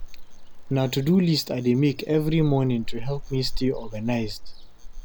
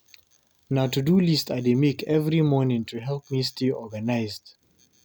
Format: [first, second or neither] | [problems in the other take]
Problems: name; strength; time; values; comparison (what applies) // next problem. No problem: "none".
second | background sound (Ocean); 8 dB below the speech